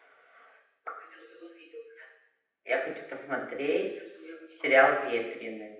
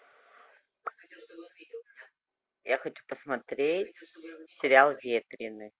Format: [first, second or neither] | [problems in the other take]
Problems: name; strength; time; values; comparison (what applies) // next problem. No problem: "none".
second | room echo; dies away in 0.8 s